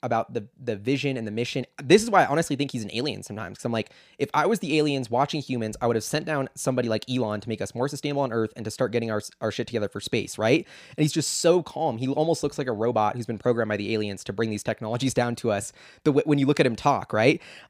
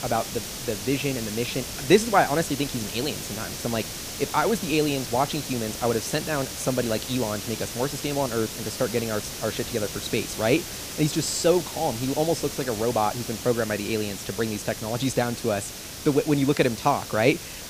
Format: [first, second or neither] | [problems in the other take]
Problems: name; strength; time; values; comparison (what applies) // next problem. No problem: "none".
first | hiss; loud; throughout; 7 dB below the speech